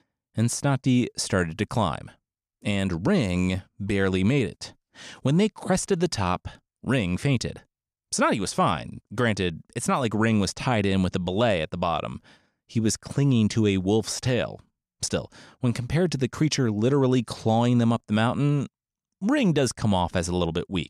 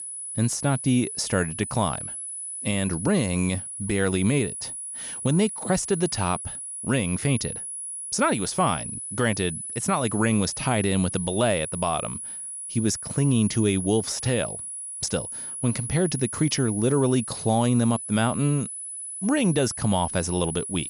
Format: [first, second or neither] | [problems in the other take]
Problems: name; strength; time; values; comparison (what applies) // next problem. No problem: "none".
first | high-pitched whine; loud; throughout; 10 kHz, 7 dB below the speech